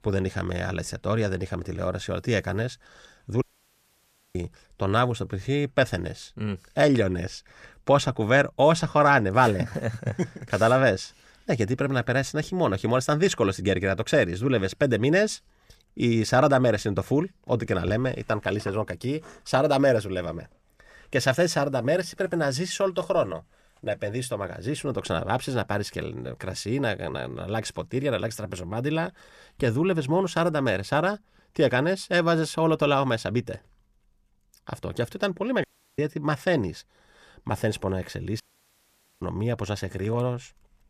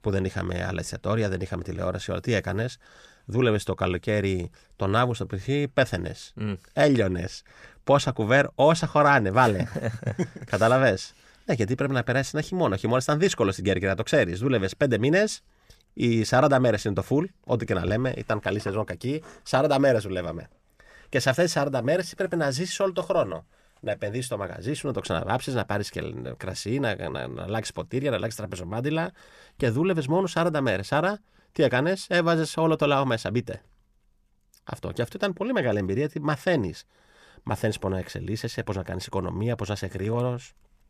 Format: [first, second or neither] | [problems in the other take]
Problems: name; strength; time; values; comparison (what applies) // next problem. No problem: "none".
second | audio cutting out; at 3.5 s for 1 s, at 36 s and at 38 s for 1 s